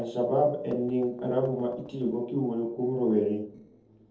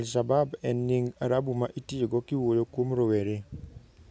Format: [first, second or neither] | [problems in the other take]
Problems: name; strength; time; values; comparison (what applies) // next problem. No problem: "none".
second | noise reduction (neural separator model SepFormer DNS4)